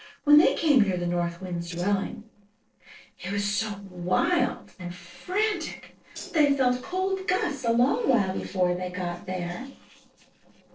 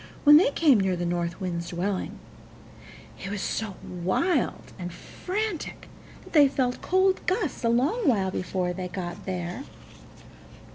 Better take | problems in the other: second | noise reduction (neural separator model SepFormer DNS4)

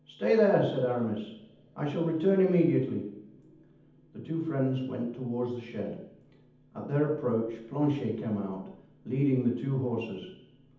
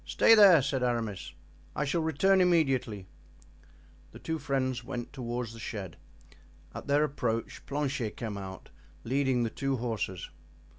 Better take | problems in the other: second | room echo; dies away in 0.8 s

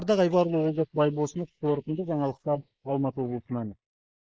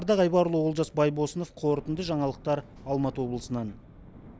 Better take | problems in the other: second | noise reduction (neural mask model Resemble Enhance denoiser)

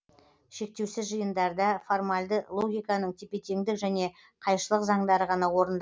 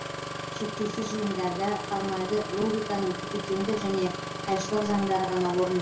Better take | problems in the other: first | background sound (Engine starting); 6 dB below the speech // room echo; dies away in 0.3 s

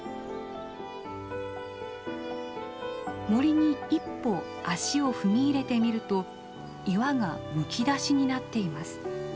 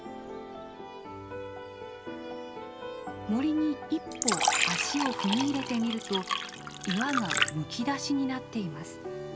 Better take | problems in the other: first | background sound (Fill (with liquid)); 2 dB above the speech

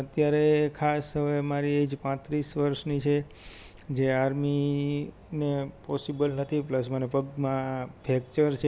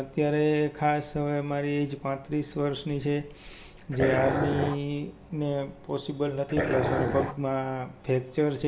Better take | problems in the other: first | background sound (Dog); as loud as the speech // room echo; dies away in 0.6 s

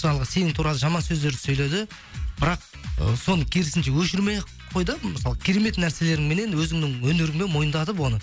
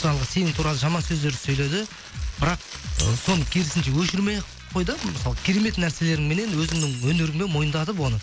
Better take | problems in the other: first | background sound (Shatter + Crumpling, crinkling); 14 dB below the speech

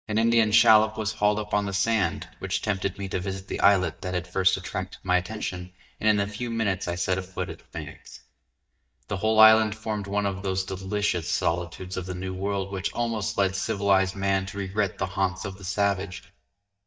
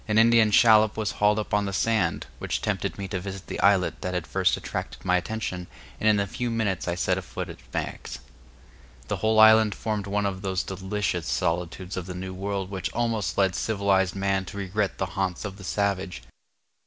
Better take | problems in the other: second | noise reduction (neural mask model DeepFilterNet 3)

